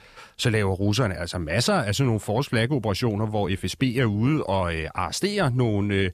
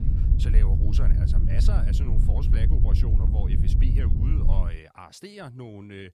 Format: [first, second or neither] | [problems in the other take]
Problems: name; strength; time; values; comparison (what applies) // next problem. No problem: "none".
first | wind noise on the microphone; heavy; until 4.5 s; 1 dB above the speech